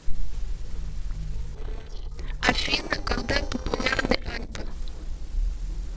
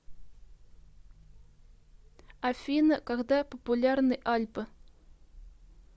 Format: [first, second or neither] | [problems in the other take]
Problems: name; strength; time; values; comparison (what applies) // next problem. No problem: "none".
second | noise reduction (neural separator model SepFormer DNS4)